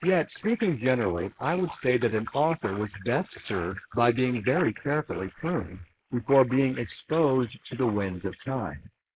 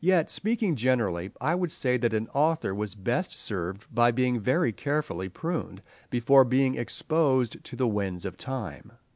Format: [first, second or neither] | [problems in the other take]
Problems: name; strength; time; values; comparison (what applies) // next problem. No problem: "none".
second | noise reduction (neural mask model Resemble Enhance denoiser)